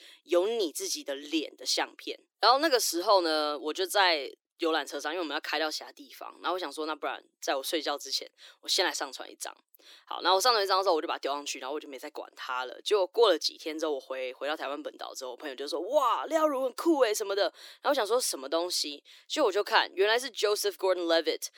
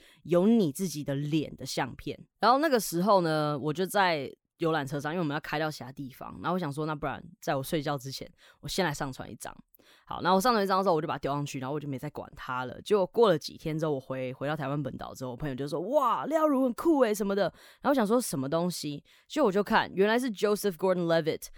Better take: second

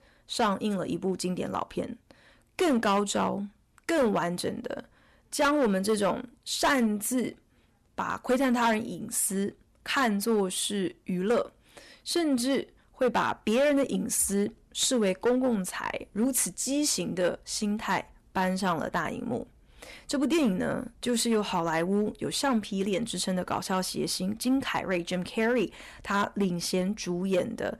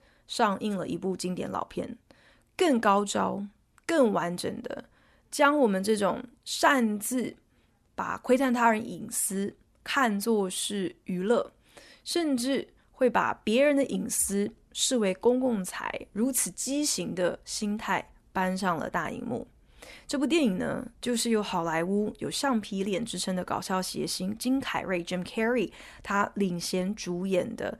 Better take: second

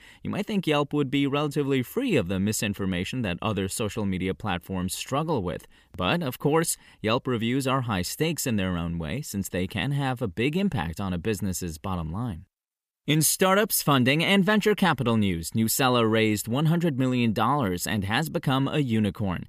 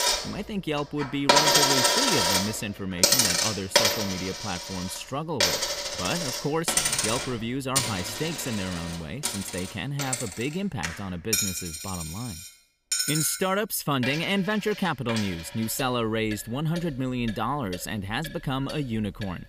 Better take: first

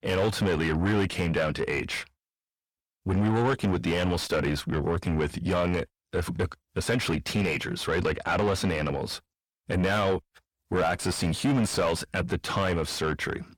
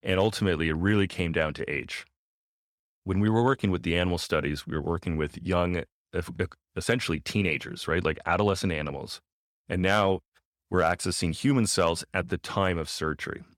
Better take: second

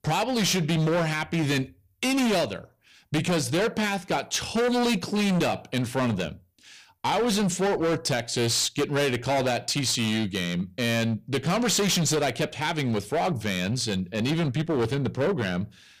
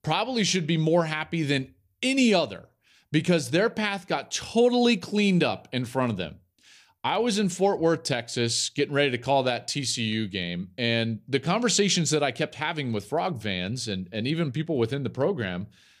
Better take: second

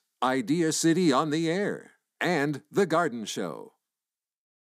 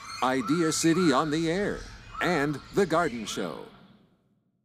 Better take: first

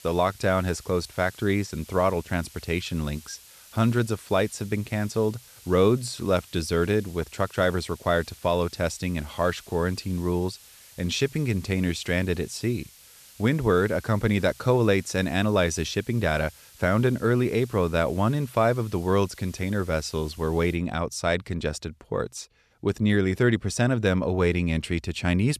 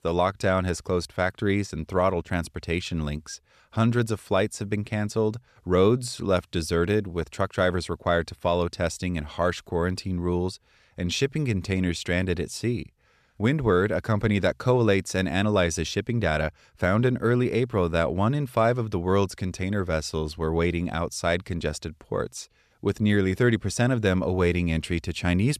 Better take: second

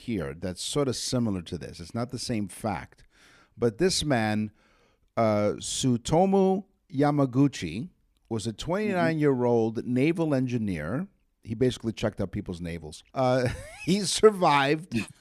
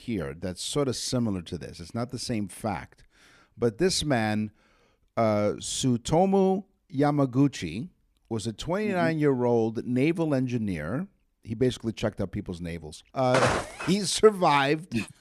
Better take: first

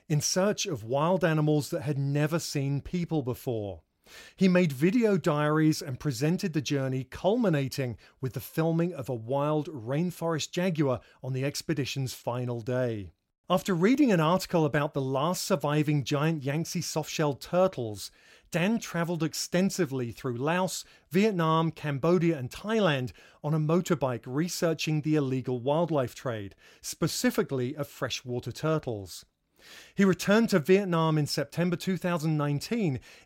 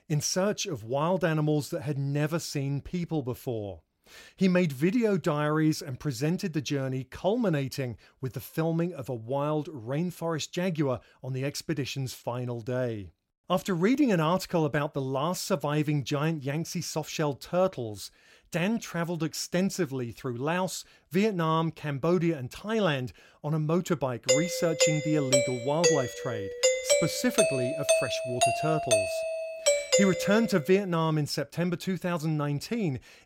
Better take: first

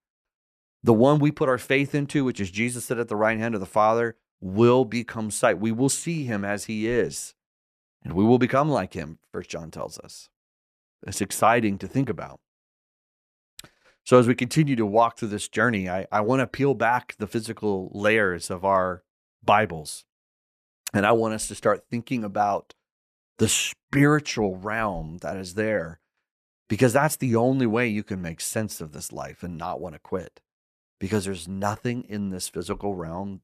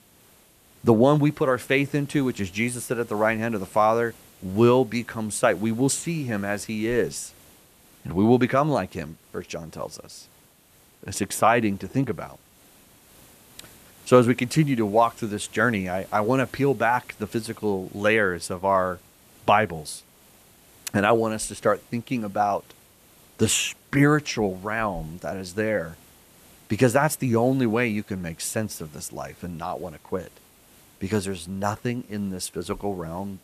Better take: first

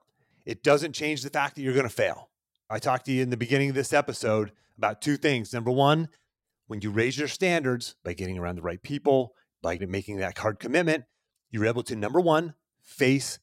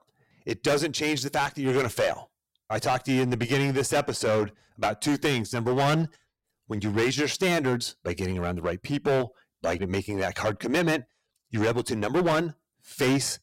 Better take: first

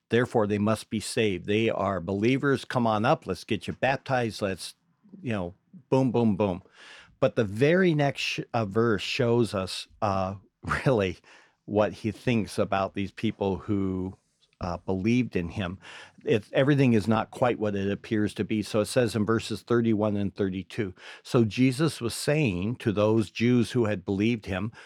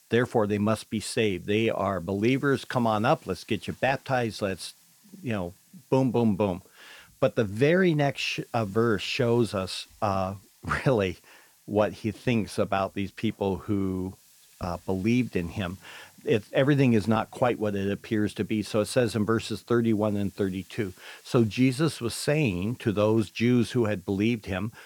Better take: first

